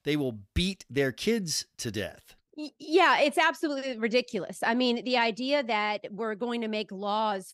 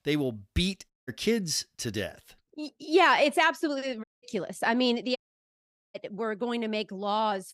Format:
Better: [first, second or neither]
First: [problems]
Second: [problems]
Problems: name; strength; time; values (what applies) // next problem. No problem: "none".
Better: first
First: none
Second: audio cutting out; at 1 s, at 4 s and at 5 s for 1 s